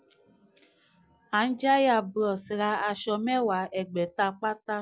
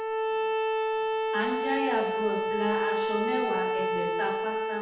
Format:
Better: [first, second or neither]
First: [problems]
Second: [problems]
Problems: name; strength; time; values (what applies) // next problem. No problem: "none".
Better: first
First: none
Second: background sound (Bowed string instrument); 5 dB above the speech // room echo; dies away in 0.9 s